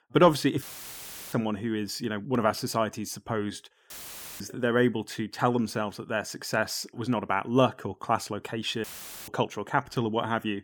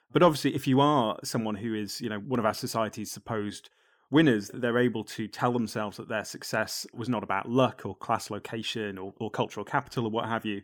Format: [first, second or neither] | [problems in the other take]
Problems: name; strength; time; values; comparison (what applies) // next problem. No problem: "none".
second | audio cutting out; filled with static; at 0.5 s for 0.5 s, at 4 s for 0.5 s and at 9 s